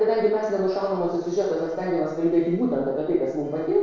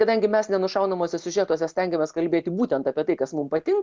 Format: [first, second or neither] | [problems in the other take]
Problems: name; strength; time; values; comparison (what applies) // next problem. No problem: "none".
second | noise reduction (neural separator model SepFormer DNS4)